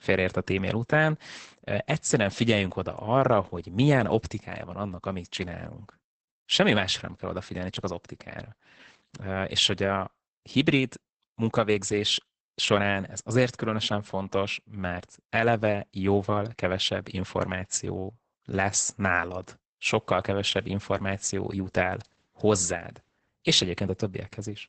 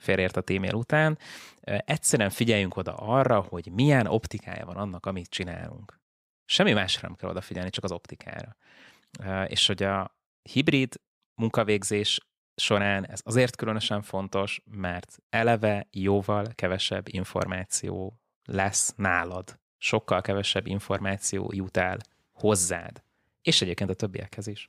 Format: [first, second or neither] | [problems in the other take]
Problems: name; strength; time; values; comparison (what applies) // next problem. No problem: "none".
second | garbled, watery; badly; nothing above 8 kHz